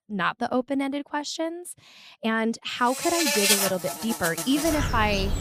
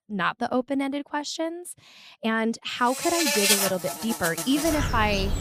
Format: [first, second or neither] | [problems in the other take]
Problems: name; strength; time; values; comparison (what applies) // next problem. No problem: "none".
neither | animal sounds; very loud; from 3 s on; 1 dB above the speech; the same in both